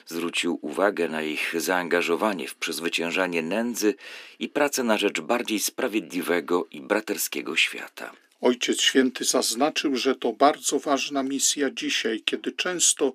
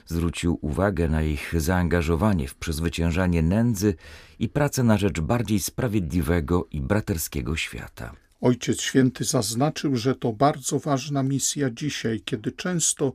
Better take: second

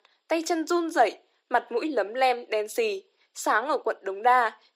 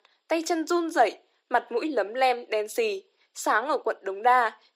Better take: neither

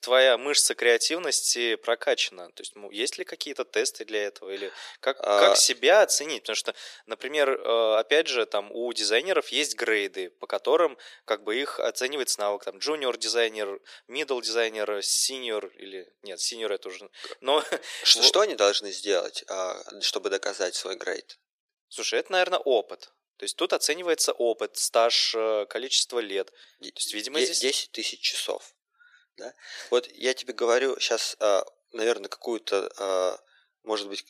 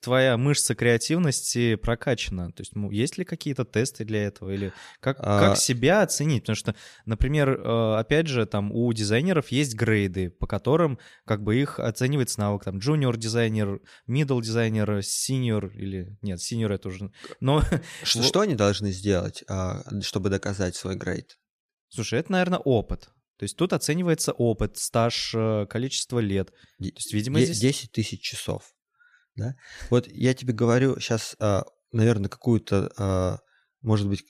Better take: second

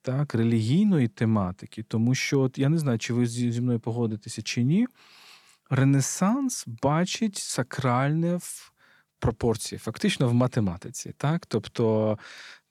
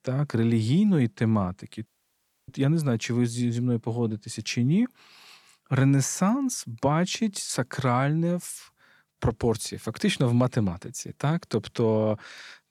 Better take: first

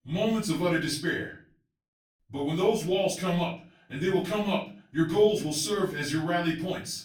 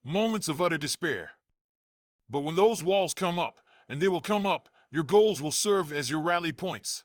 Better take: second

